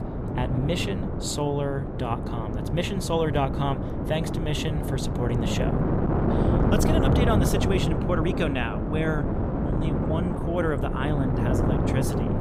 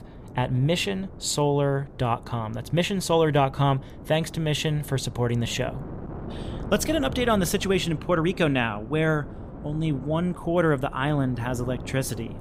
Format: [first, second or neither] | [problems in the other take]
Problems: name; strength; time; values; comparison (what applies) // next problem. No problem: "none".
second | wind noise on the microphone; heavy; 1 dB below the speech; occasional gusts in the second